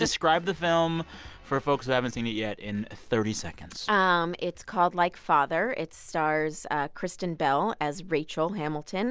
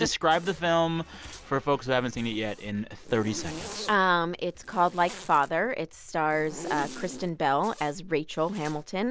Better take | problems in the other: first | background sound (Zipper (clothing)); 17 dB below the speech

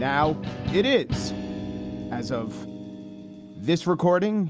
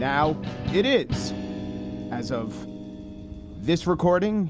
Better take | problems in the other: first | background sound (Thunder); 19 dB below the speech

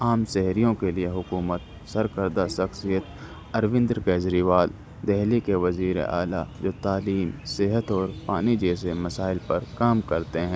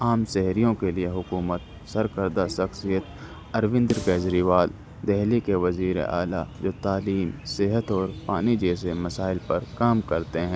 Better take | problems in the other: first | background sound (Snare drum); 15 dB below the speech

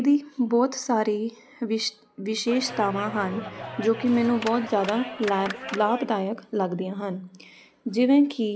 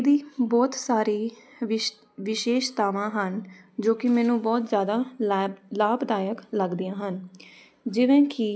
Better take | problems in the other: second | background sound (Clapping); 11 dB below the speech

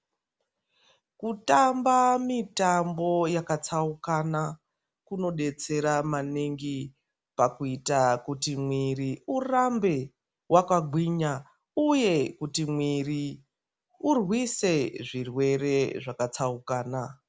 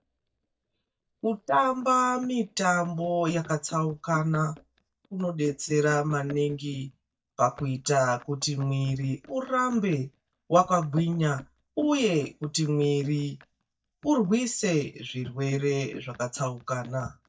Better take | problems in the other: first | noise reduction (neural mask model DeepFilterNet 3)

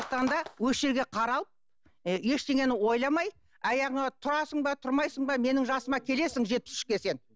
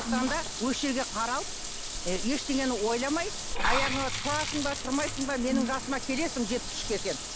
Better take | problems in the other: first | background sound (Bathtub (filling or washing) / Water + Brass instrument); 2 dB below the speech

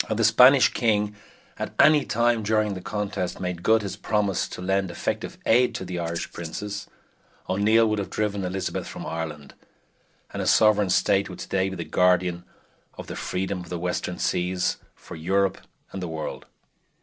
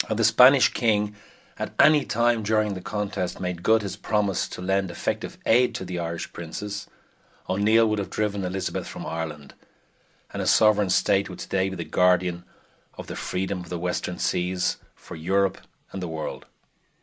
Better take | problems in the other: second | noise reduction (neural separator model SepFormer DNS4)

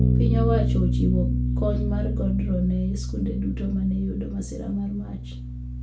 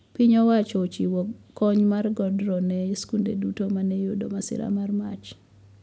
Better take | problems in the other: second | background sound (Bass guitar); 3 dB above the speech // room echo; dies away in 0.3 s

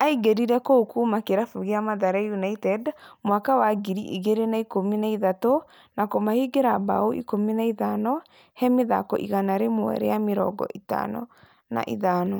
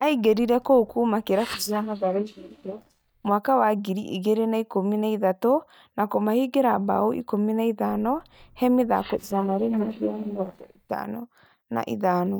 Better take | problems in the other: first | noise reduction (neural mask model DeepFilterNet 3)

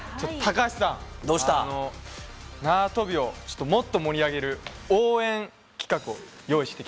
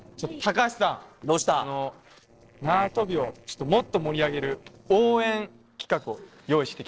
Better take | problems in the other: first | noise reduction (neural separator model SepFormer DNS4)

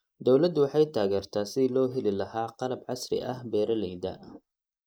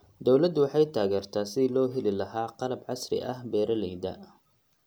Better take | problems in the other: second | noise reduction (neural mask model Resemble Enhance denoiser)

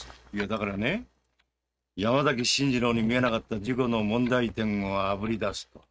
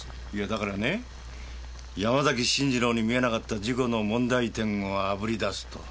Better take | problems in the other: second | noise reduction (neural mask model RNNoise)

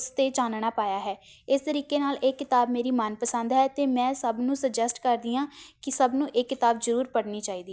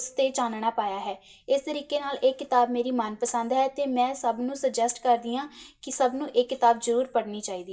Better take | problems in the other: first | room echo; dies away in 0.2 s

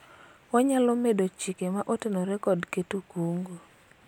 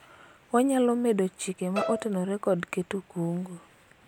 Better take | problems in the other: first | background sound (Bowed string instrument); 7 dB below the speech

